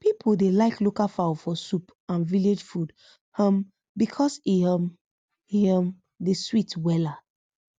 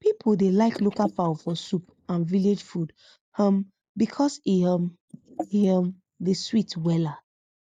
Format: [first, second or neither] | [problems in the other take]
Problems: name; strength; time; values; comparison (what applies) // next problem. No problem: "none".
first | noise reduction (neural mask model Resemble Enhance denoiser)